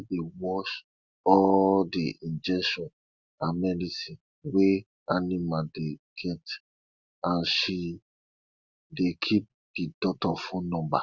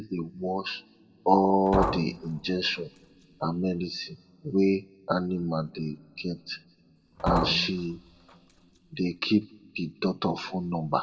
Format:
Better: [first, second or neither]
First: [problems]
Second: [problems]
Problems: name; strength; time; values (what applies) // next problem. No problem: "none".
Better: first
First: none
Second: background sound (Liquid); 5 dB below the speech // room echo; dies away in 2.1 s